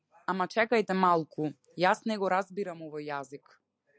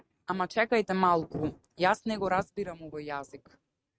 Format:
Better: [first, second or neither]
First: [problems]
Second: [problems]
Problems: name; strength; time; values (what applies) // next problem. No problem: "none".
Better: first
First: none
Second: noise reduction (neural mask model RNNoise)